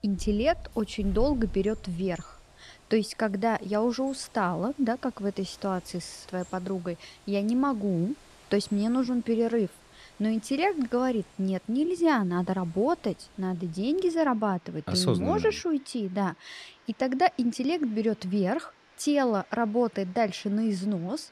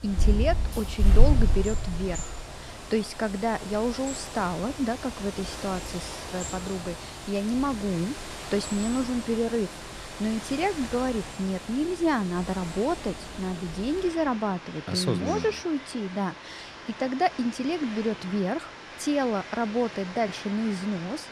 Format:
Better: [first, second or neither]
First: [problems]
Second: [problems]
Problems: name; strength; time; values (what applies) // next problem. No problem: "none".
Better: first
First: animal sounds; faint; throughout; 20 dB below the speech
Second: animal sounds; loud; throughout; 6 dB below the speech